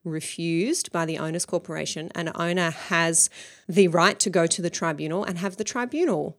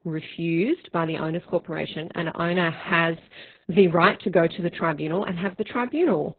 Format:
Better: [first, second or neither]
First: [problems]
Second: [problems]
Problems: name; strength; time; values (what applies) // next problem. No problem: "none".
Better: first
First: none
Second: garbled, watery; badly; nothing above 4 kHz